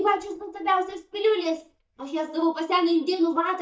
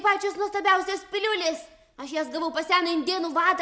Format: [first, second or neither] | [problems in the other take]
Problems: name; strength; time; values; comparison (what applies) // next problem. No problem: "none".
second | noise reduction (neural mask model DeepFilterNet 3)